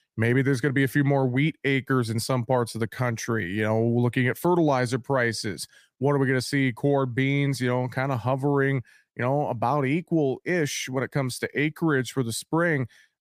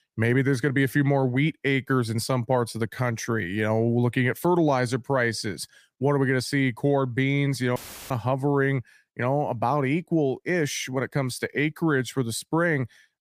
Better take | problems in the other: first | audio cutting out; filled with static; at 8 s

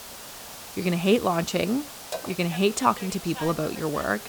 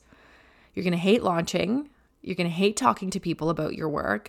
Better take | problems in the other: second | hiss; noticeable; throughout; 10 dB below the speech

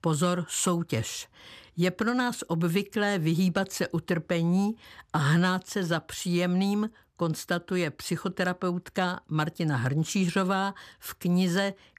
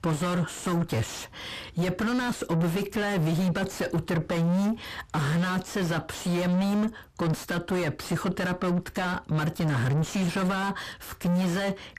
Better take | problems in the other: first | distortion; heavy; 5 dB below the speech

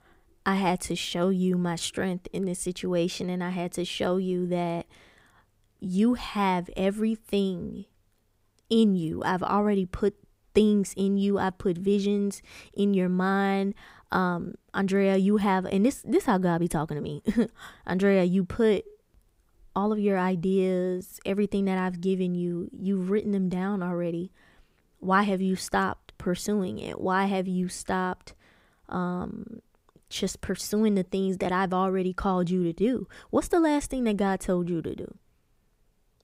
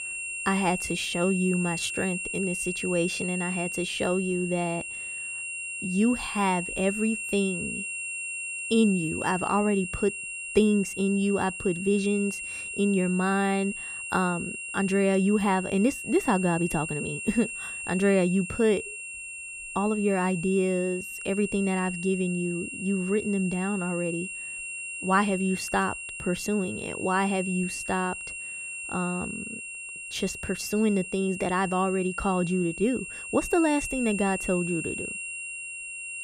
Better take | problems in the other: first | high-pitched whine; loud; throughout; 2.5 kHz, 6 dB below the speech

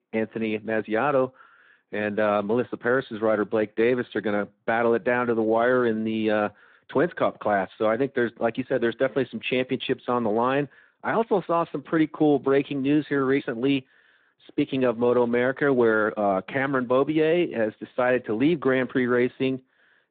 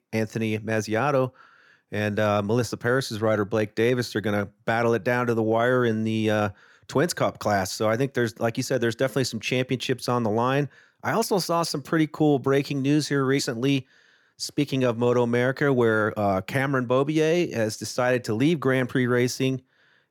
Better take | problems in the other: second | phone-call audio; nothing above 3.5 kHz

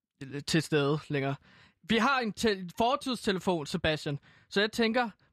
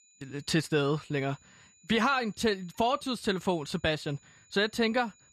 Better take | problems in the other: first | high-pitched whine; faint; throughout; 7 kHz, 30 dB below the speech

